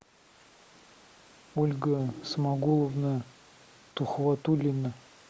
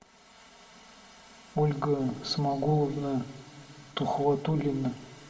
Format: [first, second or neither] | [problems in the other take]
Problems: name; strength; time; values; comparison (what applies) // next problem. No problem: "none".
first | room echo; dies away in 1.1 s